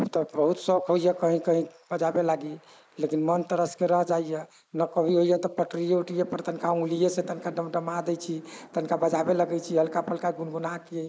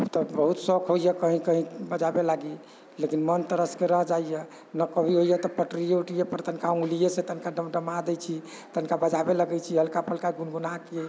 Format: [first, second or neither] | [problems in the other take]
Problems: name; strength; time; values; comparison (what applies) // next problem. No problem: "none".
second | noise reduction (neural mask model Resemble Enhance denoiser)